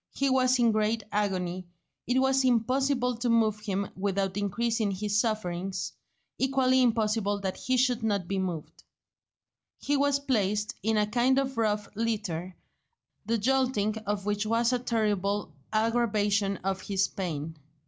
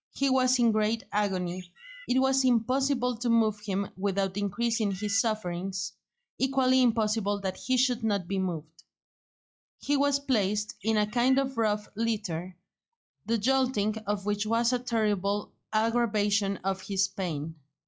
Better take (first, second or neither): first